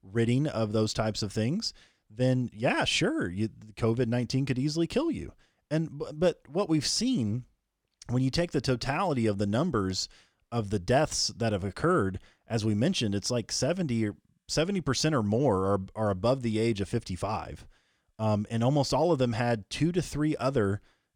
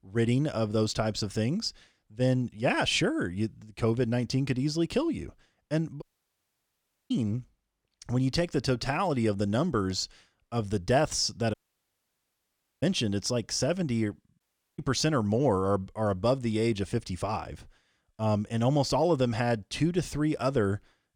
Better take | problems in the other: first | audio cutting out; at 6 s for 1 s, at 12 s for 1.5 s and at 14 s

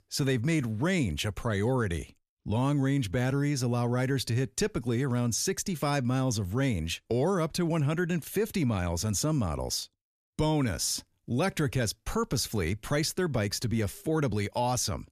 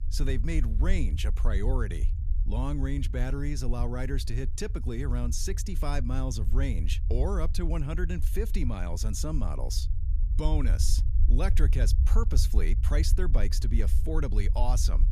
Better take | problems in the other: first | low rumble; noticeable; throughout; 10 dB below the speech

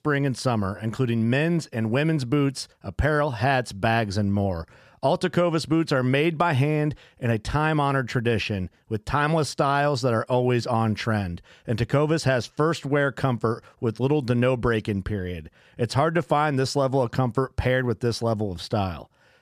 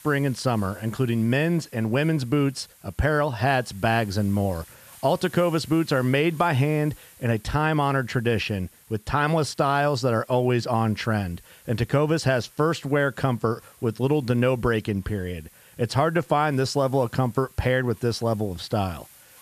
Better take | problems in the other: first | hiss; faint; throughout; 25 dB below the speech

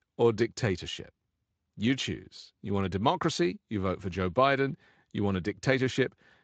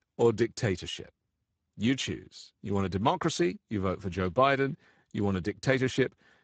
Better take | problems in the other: first | garbled, watery; badly; nothing above 7.5 kHz; slightly in the first

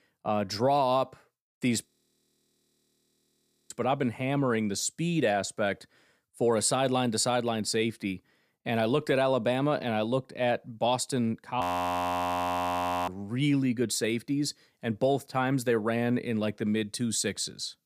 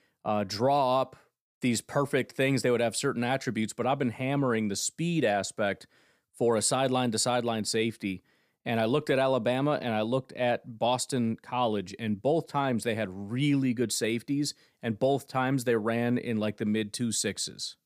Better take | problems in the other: second | audio freezing; at 2 s for 2 s and at 12 s for 1.5 s

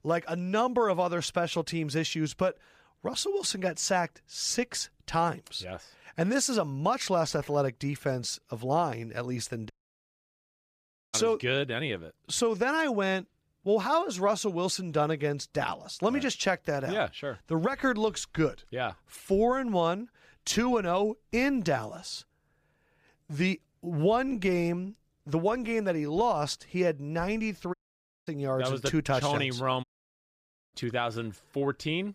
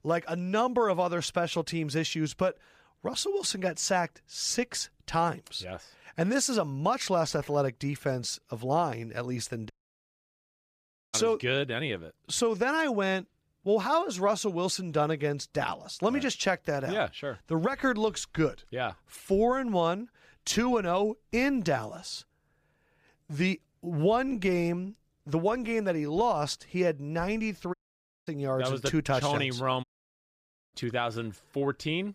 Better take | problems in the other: neither | audio cutting out; at 9.5 s for 1.5 s, at 28 s for 0.5 s and at 30 s for 1 s; the same in both

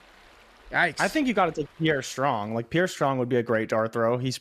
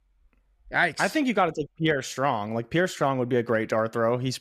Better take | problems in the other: second | rain or running water; faint; throughout; 30 dB below the speech

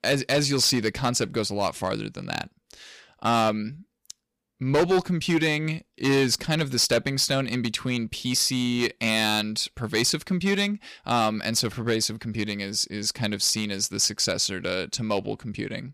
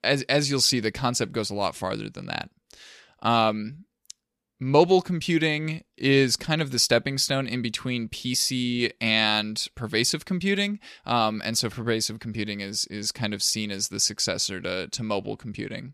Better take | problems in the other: second | distortion; slight; 4% of the sound clipped

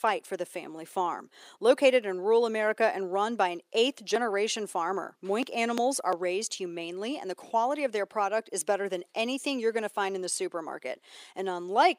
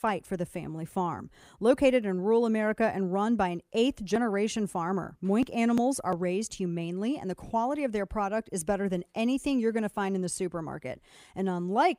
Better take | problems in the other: second | thin; somewhat; fading below 350 Hz

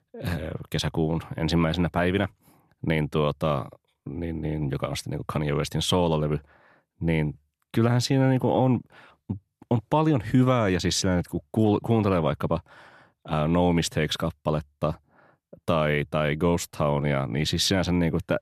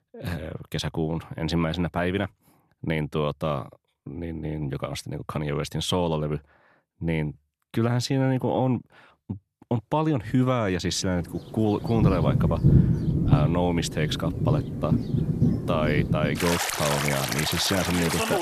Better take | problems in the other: first | rain or running water; very loud; from 11 s on; 2 dB above the speech

